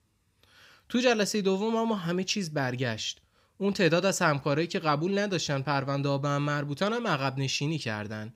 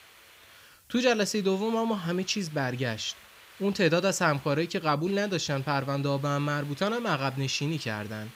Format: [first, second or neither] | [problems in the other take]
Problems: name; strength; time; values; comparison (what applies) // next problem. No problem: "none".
first | hiss; faint; throughout; 20 dB below the speech